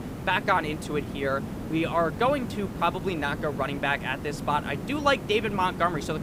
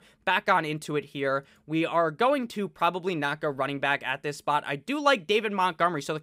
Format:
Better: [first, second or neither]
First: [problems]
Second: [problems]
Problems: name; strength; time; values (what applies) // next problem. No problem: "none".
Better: second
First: hiss; loud; throughout; 8 dB below the speech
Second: none